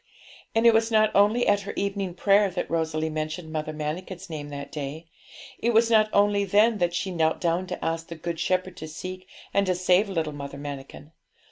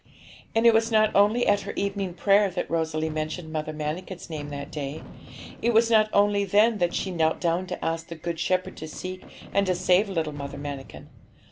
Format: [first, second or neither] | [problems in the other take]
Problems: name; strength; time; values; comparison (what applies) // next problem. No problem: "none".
first | background sound (Fireworks); 19 dB below the speech